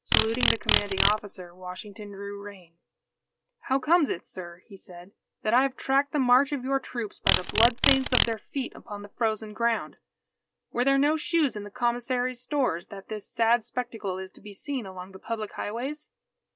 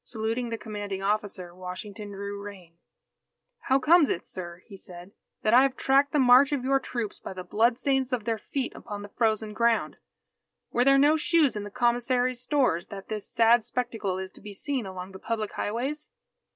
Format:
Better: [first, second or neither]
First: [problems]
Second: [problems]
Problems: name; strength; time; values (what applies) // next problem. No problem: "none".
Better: second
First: background sound (Insect); 1 dB above the speech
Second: none